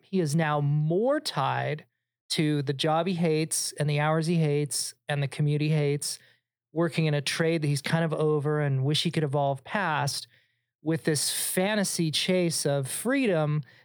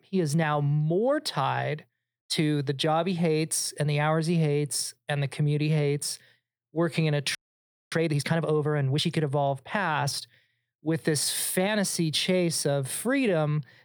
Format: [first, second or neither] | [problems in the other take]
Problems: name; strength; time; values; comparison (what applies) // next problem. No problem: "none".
first | audio freezing; at 7.5 s for 0.5 s